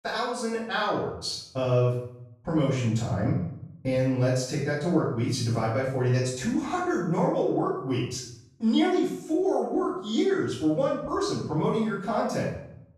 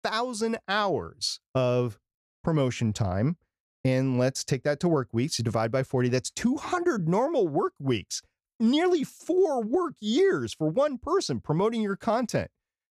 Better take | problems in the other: second | room echo; noticeable; dies away in 0.6 s // off-mic speech; far

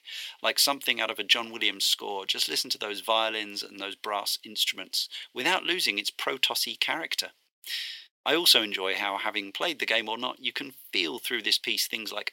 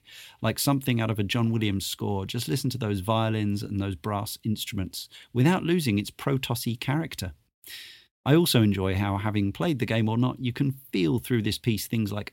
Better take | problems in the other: second | thin; very; fading below 450 Hz

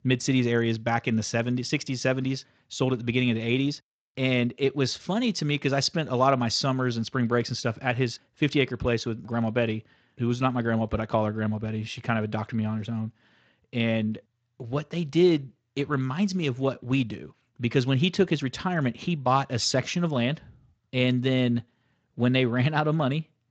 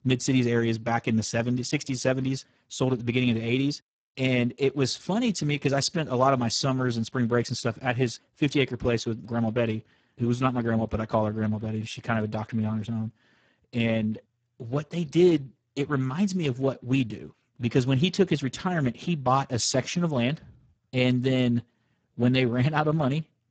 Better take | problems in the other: first | garbled, watery; badly; nothing above 7.5 kHz; slightly in the first

